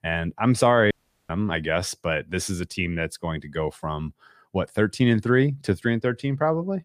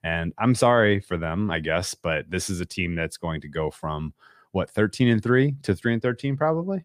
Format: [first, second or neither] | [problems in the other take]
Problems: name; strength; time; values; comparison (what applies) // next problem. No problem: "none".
second | audio cutting out; at 1 s